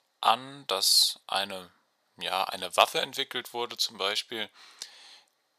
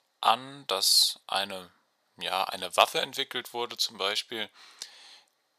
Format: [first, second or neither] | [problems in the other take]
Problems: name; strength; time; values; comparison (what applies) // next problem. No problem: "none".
neither | thin; very; fading below 800 Hz; the same in both